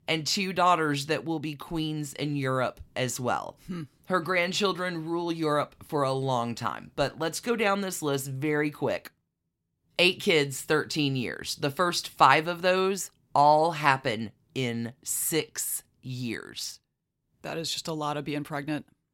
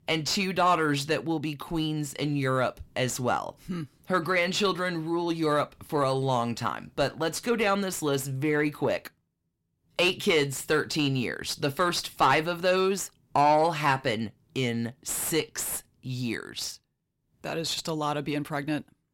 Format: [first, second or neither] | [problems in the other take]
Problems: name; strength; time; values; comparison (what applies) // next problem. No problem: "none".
first | distortion; slight; 10 dB below the speech